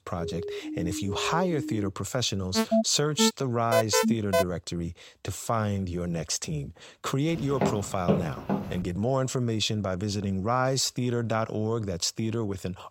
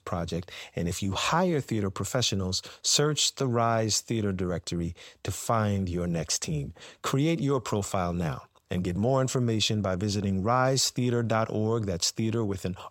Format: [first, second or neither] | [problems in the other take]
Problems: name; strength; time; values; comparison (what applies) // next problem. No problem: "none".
second | siren; noticeable; until 2 s; peak 6 dB below the speech // alarm; loud; from 2.5 to 4.5 s; peak 4 dB above the speech // footsteps; loud; from 7.5 to 9 s; peak 1 dB above the speech